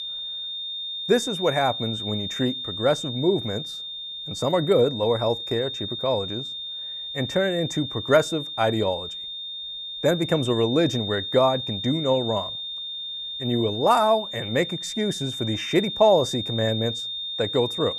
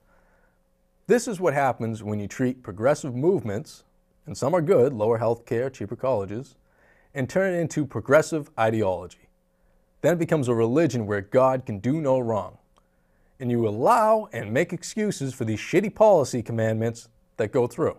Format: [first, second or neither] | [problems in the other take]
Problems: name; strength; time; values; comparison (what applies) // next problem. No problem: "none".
second | high-pitched whine; loud; throughout; 3.5 kHz, 6 dB below the speech